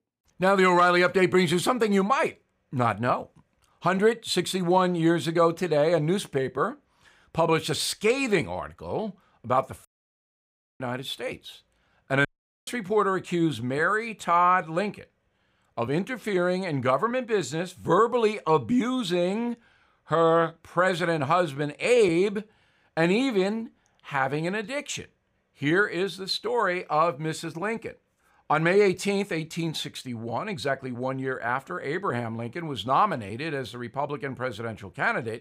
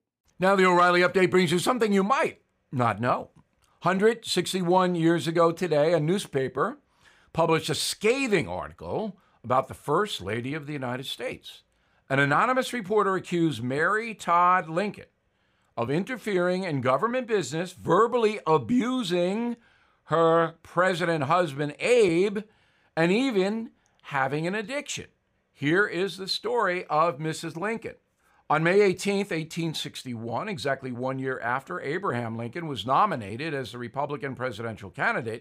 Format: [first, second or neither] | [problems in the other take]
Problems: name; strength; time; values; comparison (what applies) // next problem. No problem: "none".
second | audio cutting out; at 10 s for 1 s and at 12 s